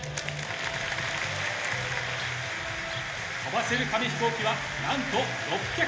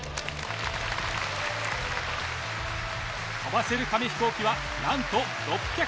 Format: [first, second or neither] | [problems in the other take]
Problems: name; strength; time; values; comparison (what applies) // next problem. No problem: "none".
second | background sound (Insect); 20 dB below the speech // room echo; dies away in 0.8 s